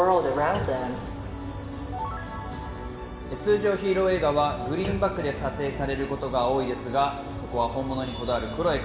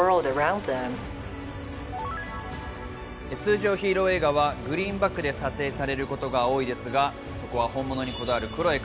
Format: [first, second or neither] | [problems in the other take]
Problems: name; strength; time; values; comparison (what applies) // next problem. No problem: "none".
second | background sound (Thump, thud); 18 dB below the speech // room echo; dies away in 1.1 s